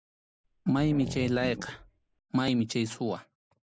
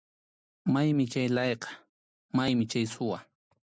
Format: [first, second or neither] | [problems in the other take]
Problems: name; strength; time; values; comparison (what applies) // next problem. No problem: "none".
second | background sound (Growling); 12 dB below the speech